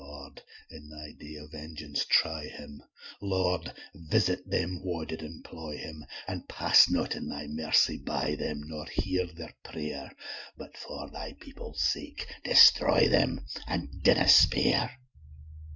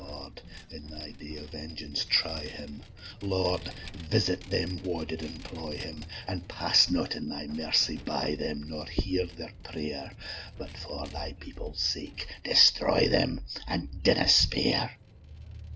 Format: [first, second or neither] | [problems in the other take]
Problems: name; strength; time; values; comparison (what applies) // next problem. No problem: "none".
first | background sound (Vehicle); 16 dB below the speech